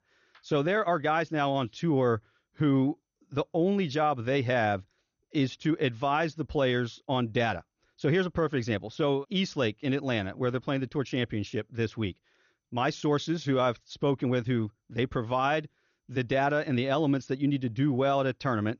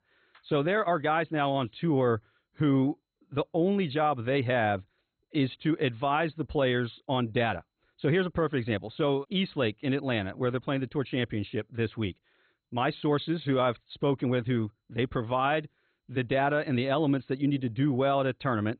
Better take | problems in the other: first | garbled, watery; badly; nothing above 4 kHz; slightly in the first

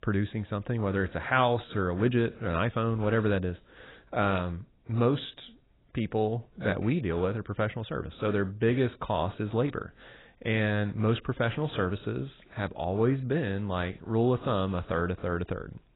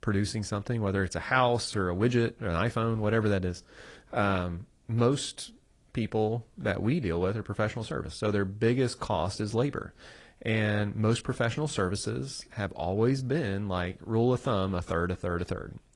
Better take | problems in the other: second | garbled, watery; badly; nothing above 4 kHz; slightly in the second

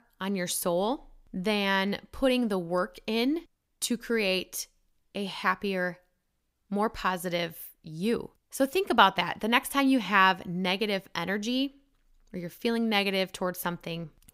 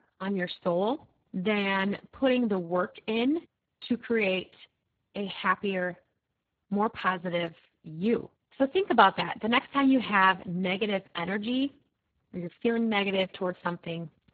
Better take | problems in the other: first | garbled, watery; badly

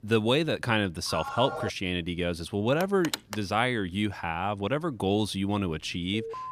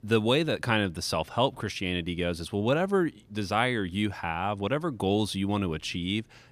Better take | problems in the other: second | phone ringing; noticeable; at 1 s and at 3 s; peak 6 dB below the speech // alarm; very faint; at 6 s; peak 9 dB below the speech

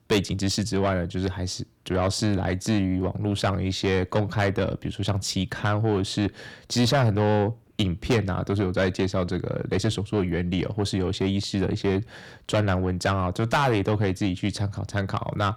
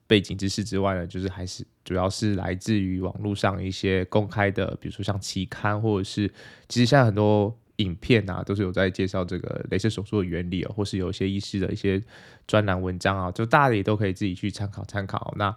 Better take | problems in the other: second | distortion; heavy; 8 dB below the speech

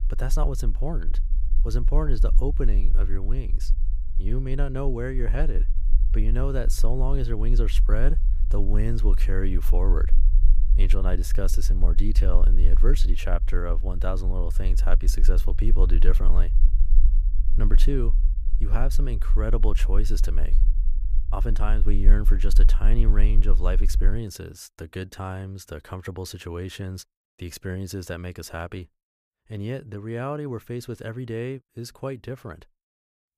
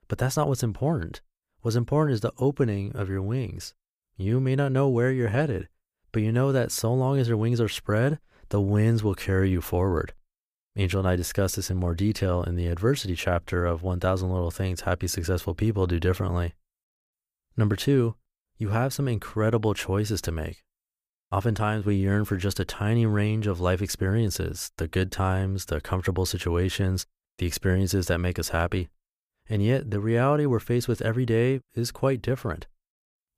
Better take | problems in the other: second | low rumble; noticeable; until 24 s; 15 dB below the speech

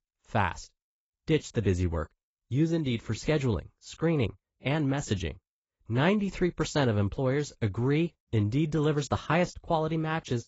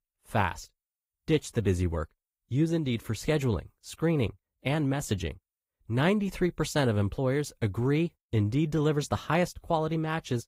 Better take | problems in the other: second | garbled, watery; badly; nothing above 7.5 kHz; slightly in the second

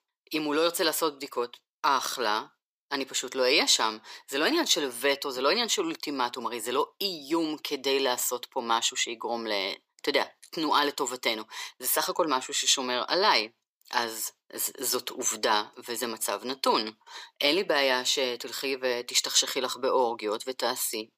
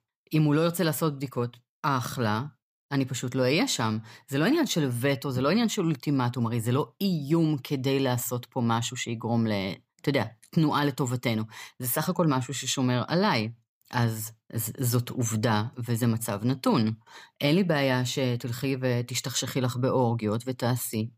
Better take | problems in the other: second | thin; very; fading below 350 Hz

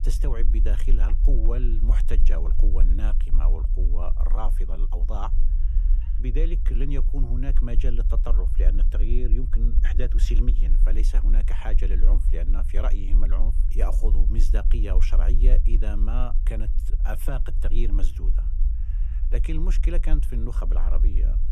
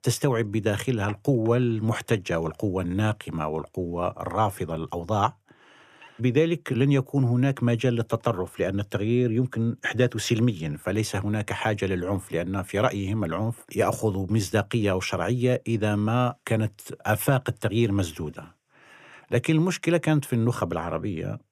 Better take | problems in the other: second | low rumble; loud; throughout; 10 dB below the speech

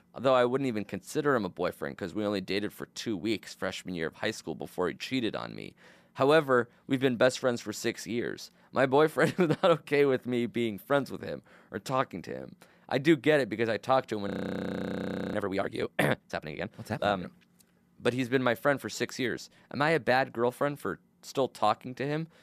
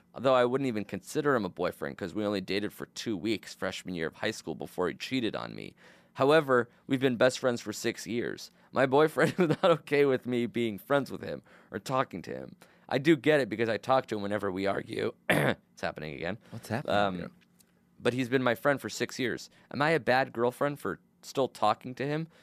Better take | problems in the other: second | audio freezing; at 14 s for 1 s

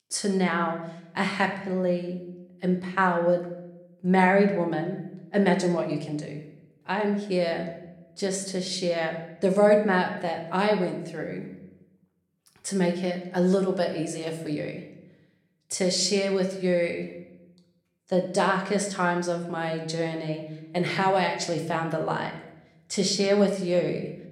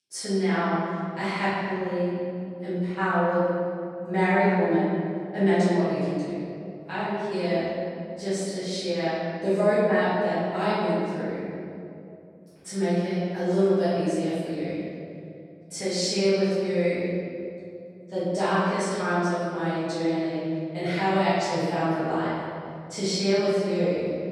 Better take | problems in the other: first | room echo; strong; dies away in 2.6 s; slight in the first // off-mic speech; far

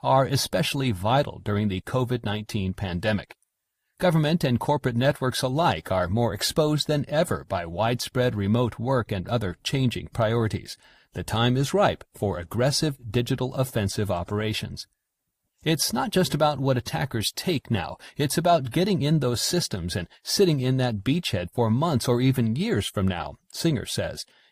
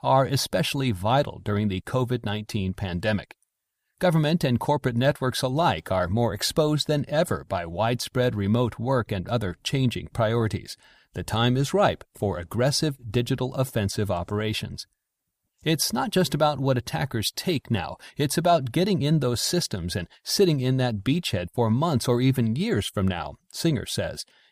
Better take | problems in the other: second | garbled, watery; slightly; nothing above 15 kHz

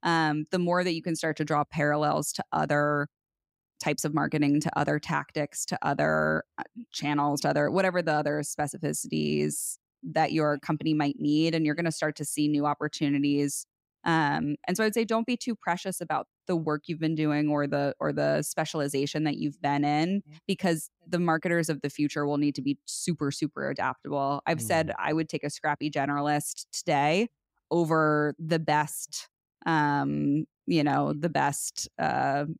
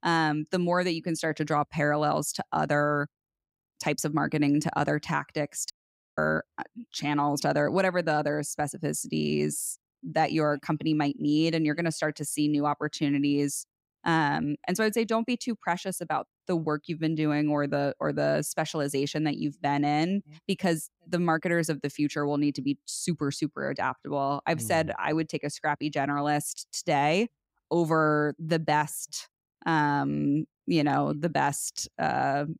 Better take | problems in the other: first | audio cutting out; at 5.5 s

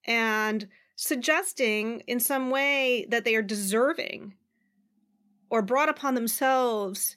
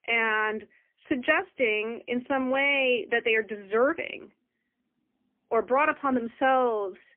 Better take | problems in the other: first | phone-call audio; poor line; nothing above 3 kHz

